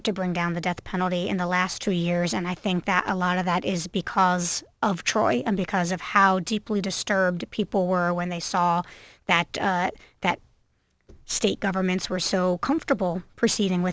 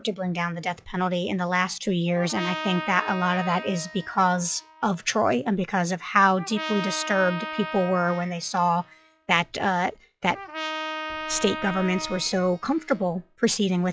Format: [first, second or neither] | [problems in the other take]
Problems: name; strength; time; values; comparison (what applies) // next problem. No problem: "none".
first | noise reduction (classical method log-MMSE)